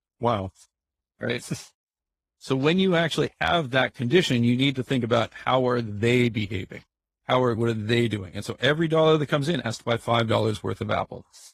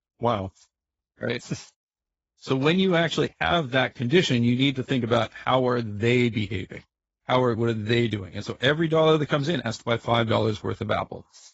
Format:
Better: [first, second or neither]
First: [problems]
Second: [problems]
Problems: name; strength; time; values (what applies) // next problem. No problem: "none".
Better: first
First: garbled, watery; slightly; nothing above 14.5 kHz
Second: garbled, watery; badly; nothing above 7.5 kHz